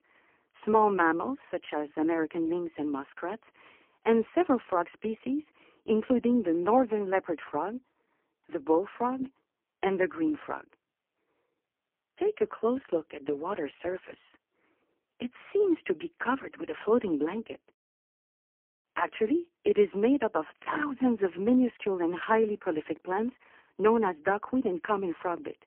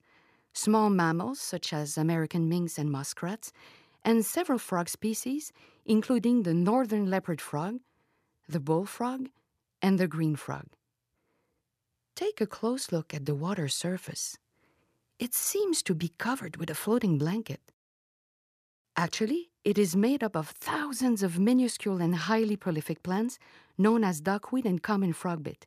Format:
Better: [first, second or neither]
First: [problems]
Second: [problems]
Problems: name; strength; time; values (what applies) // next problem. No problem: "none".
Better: second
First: phone-call audio; poor line; nothing above 3 kHz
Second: none